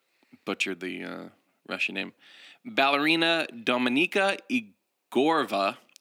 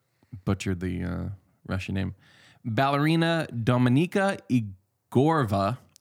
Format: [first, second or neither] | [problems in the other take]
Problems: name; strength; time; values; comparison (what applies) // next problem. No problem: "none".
second | thin; somewhat; fading below 250 Hz